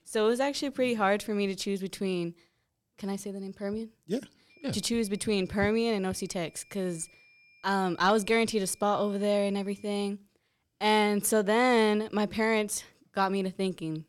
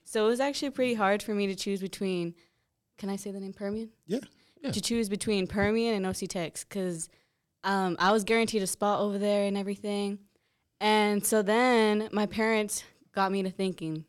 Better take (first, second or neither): second